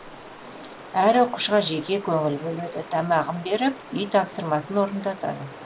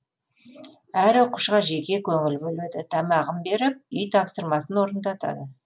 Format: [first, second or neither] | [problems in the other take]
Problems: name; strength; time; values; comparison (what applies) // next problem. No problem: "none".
second | background sound (Stream); 16 dB below the speech